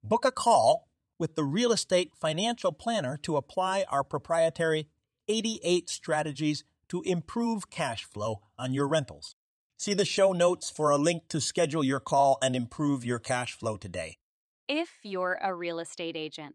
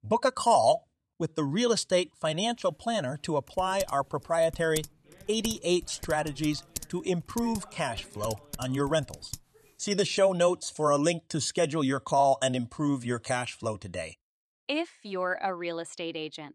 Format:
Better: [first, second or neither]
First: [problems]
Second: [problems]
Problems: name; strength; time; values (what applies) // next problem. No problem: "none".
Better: first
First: none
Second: keyboard typing; noticeable; from 3.5 to 9.5 s; peak 9 dB below the speech